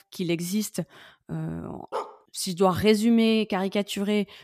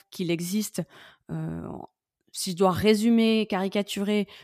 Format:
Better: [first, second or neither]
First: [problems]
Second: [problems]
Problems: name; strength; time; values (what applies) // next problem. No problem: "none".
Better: second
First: dog barking; noticeable; at 2 s; peak 10 dB below the speech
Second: none